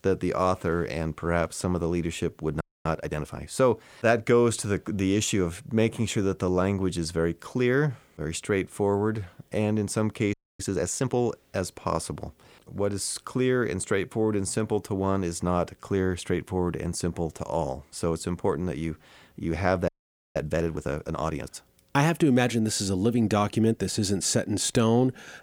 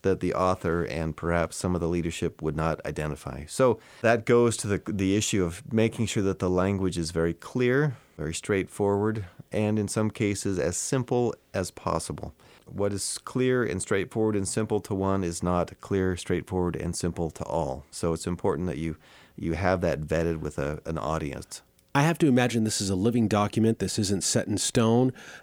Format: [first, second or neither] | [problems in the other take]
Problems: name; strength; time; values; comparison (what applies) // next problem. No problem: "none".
second | audio freezing; at 2.5 s, at 10 s and at 20 s